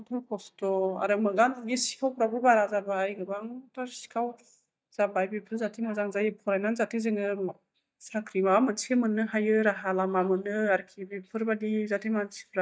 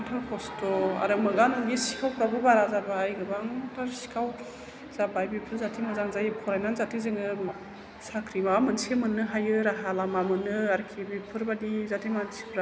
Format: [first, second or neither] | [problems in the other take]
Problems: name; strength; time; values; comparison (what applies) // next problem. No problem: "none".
second | noise reduction (neural mask model DeepFilterNet 3)